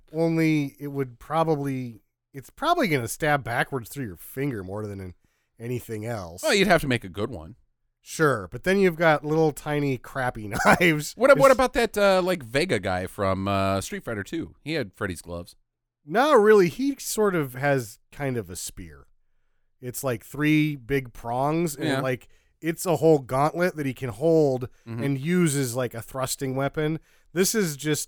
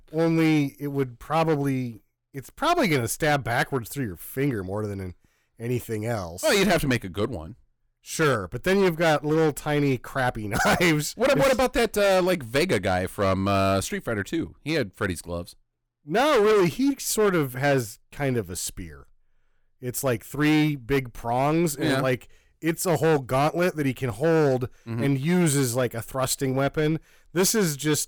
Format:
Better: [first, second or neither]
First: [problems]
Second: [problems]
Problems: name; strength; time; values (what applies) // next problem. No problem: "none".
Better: first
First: none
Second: distortion; heavy; 9% of the sound clipped